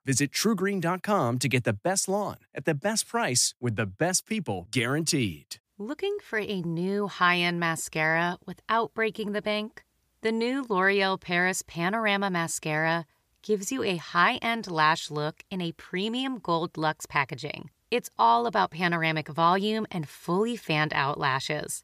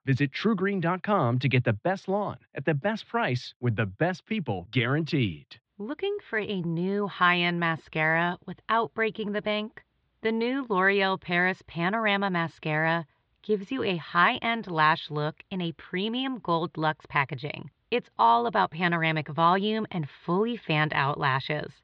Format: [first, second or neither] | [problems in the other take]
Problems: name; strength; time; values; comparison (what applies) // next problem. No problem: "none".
first | muffled; very; fading above 3.5 kHz